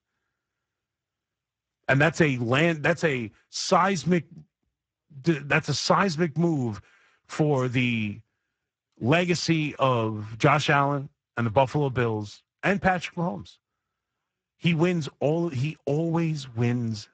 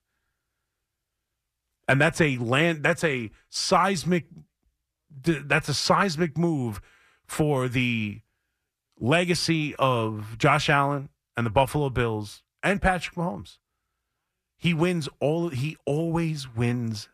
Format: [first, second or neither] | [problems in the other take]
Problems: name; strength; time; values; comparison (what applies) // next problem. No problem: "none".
second | garbled, watery; badly; nothing above 7.5 kHz